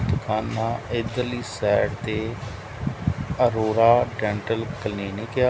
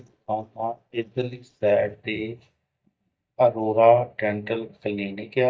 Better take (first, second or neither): first